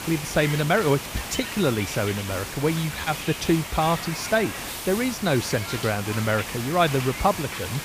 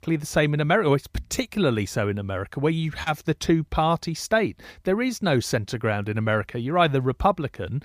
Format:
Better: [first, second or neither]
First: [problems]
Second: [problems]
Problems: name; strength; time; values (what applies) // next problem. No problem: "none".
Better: second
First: hiss; loud; throughout; 7 dB below the speech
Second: none